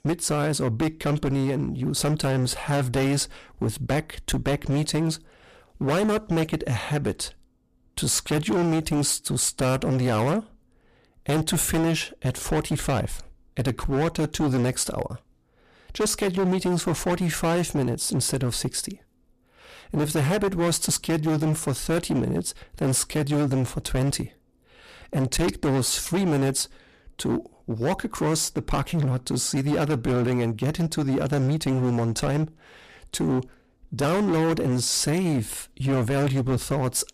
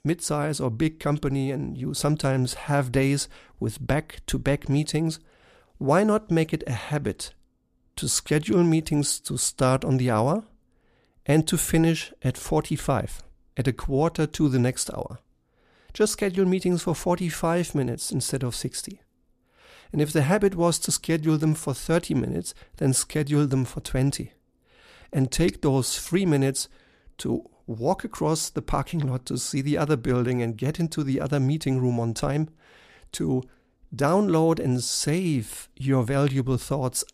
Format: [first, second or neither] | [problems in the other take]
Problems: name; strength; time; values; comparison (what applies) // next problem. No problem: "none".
second | distortion; heavy; 18% of the sound clipped